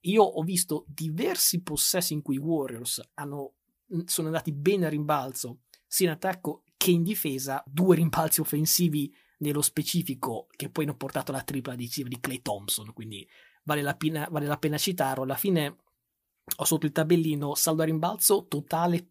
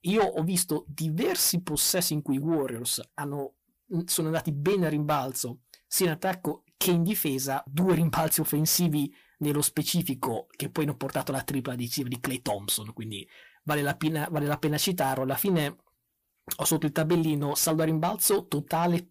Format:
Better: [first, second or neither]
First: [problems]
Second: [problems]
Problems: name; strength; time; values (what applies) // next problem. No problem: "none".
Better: first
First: none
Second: distortion; slight; 10 dB below the speech